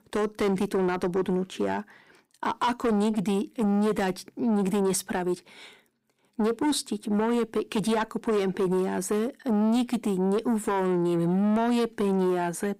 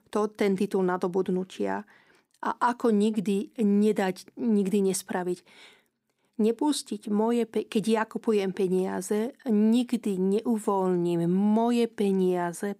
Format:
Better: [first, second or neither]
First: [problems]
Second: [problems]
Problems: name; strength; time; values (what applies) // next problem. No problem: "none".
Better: second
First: distortion; slight; 10 dB below the speech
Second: none